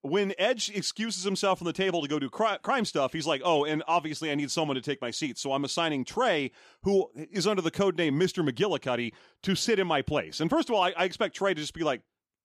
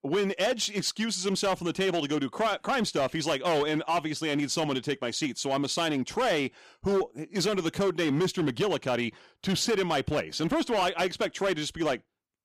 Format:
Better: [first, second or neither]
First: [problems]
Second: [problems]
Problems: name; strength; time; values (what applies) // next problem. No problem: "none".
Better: first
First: none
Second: distortion; slight; 11% of the sound clipped